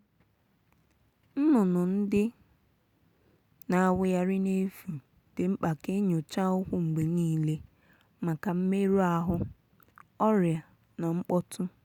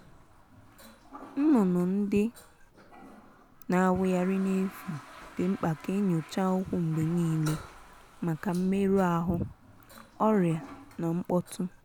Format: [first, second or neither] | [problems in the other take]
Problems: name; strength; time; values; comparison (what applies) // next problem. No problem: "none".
first | background sound (Toilet flush); 19 dB below the speech